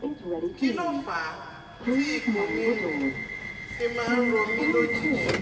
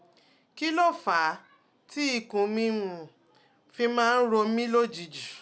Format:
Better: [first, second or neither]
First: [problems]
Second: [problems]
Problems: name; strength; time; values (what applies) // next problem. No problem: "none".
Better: second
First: background sound (Subway, metro, underground / Alarm); 3 dB above the speech // room echo; dies away in 2 s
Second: none